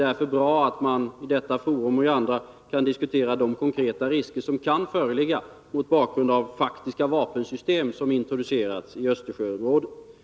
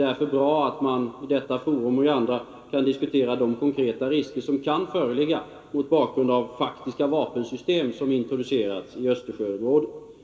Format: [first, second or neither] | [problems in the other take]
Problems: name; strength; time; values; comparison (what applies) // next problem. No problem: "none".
first | room echo; dies away in 2.7 s